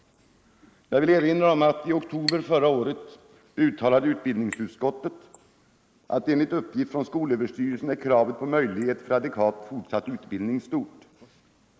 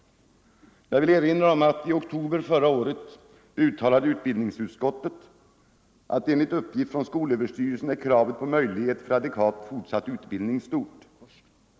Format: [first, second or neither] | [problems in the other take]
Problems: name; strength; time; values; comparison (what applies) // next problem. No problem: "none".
second | noise reduction (neural mask model Resemble Enhance denoiser)